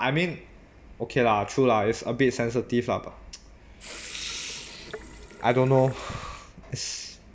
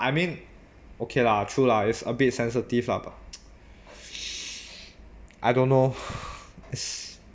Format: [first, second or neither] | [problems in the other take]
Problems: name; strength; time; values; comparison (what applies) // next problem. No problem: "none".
second | background sound (Sink (filling or washing) / Water tap, faucet); 16 dB below the speech